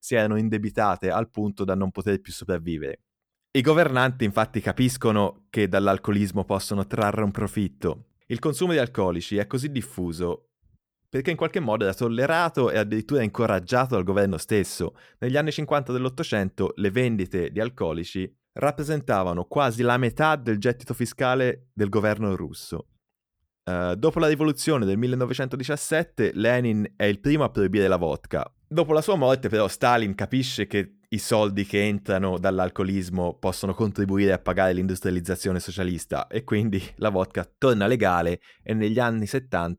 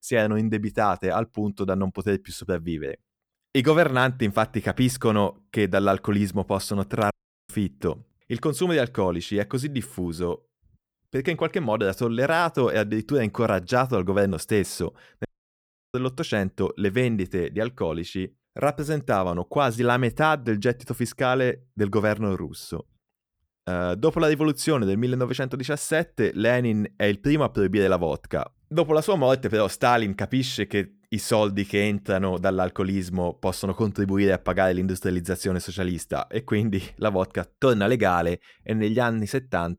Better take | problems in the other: first | audio cutting out; at 7 s and at 15 s for 0.5 s

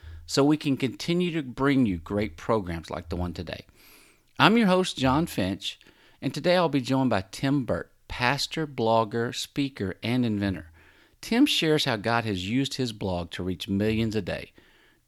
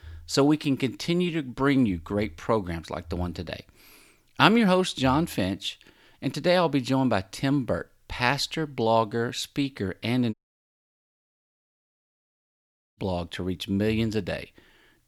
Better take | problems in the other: first | audio cutting out; at 10 s for 2.5 s

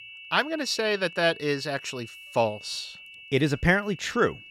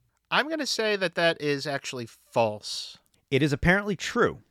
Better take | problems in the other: second | high-pitched whine; noticeable; throughout; 2.5 kHz, 15 dB below the speech

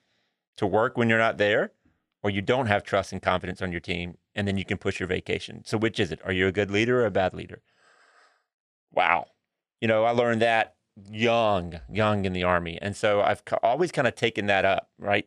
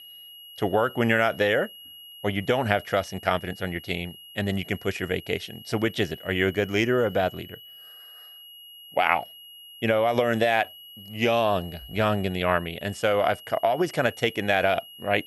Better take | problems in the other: first | high-pitched whine; noticeable; throughout; 3 kHz, 20 dB below the speech

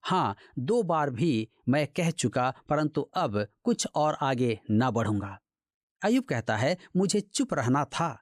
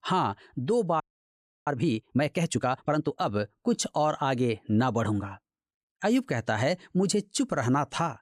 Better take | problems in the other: first | audio freezing; at 1 s for 0.5 s

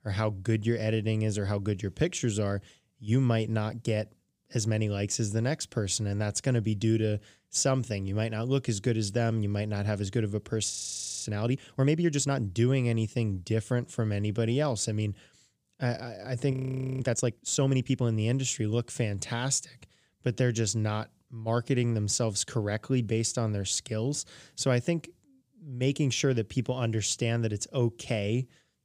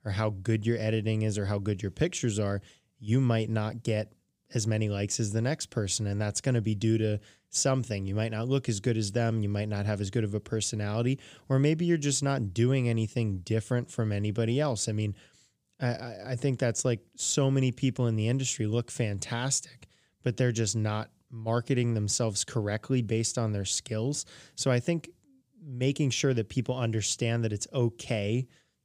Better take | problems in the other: second | audio freezing; at 11 s for 0.5 s and at 17 s

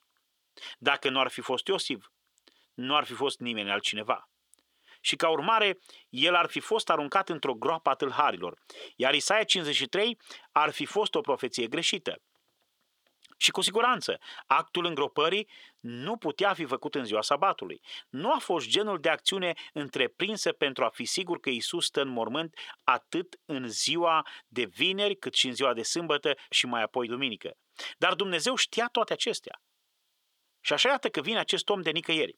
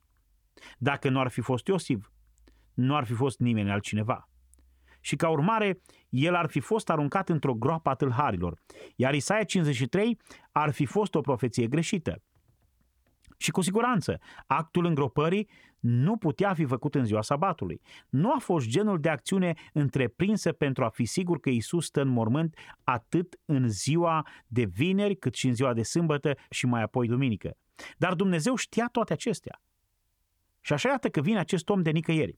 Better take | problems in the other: second | thin; somewhat; fading below 450 Hz

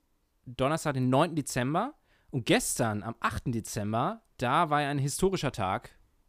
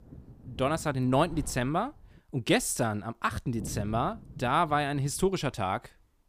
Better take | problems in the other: first | wind noise on the microphone; occasional gusts; until 2 s and from 3.5 to 5.5 s; 25 dB below the speech

